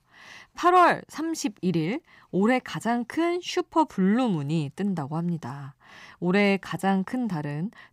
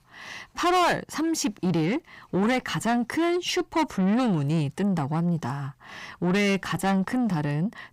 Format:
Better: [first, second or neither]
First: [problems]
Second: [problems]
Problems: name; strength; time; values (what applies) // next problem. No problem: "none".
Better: first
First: none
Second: distortion; heavy; 7 dB below the speech